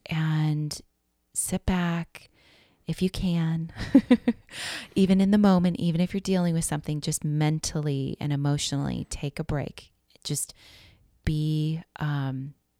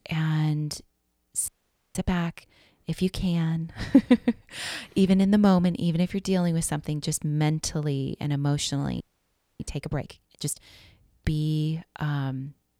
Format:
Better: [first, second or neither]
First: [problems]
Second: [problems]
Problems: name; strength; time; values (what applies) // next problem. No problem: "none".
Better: first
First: none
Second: audio freezing; at 1.5 s and at 9 s for 0.5 s